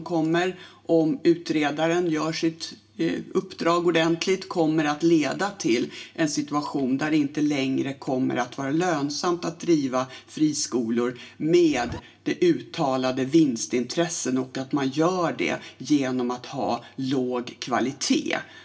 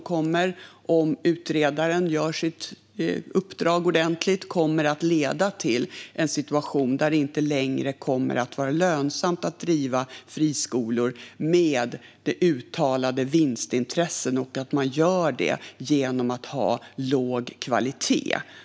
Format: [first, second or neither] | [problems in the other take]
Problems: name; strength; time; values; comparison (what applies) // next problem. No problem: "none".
second | background sound (Zipper (clothing)); 13 dB below the speech // room echo; dies away in 0.2 s